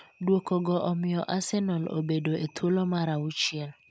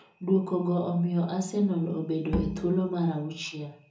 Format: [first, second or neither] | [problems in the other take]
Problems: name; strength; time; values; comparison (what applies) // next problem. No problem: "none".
first | background sound (Bowed string instrument); 7 dB below the speech // room echo; dies away in 0.6 s